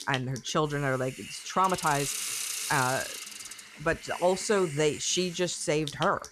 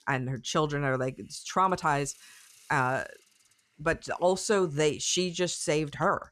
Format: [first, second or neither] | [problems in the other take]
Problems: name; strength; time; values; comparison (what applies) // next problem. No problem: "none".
second | hiss; loud; throughout; 8 dB below the speech; faint in the second